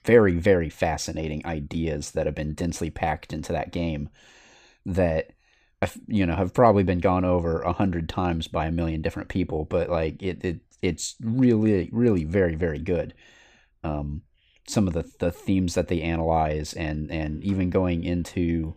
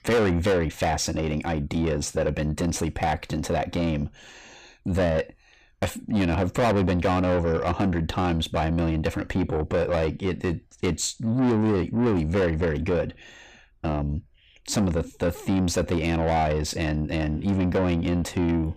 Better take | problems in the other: first | distortion; heavy; 7 dB below the speech

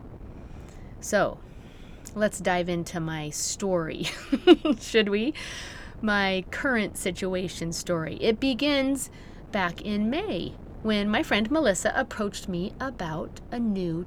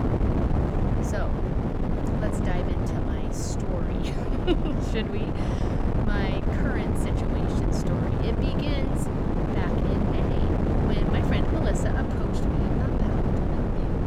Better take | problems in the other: first | wind noise on the microphone; heavy; 5 dB above the speech; occasional gusts in the first

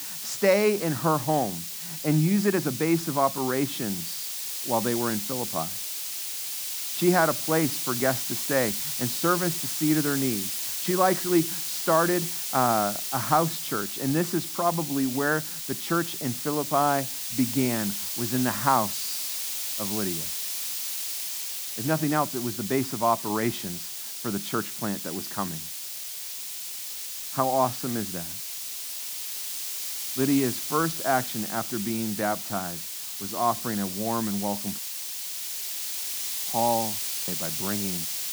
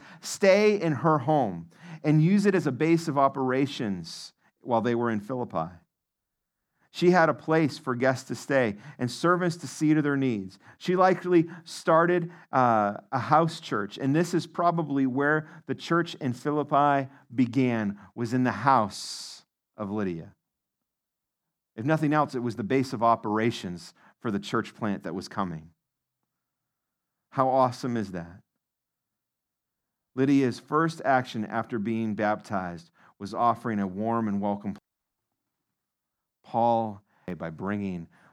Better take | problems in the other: second | hiss; loud; throughout; 3 dB below the speech

